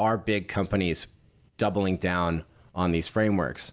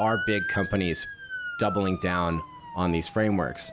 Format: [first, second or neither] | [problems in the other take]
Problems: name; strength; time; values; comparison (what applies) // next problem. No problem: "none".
first | background sound (Motor vehicle (road) / Siren); 8 dB below the speech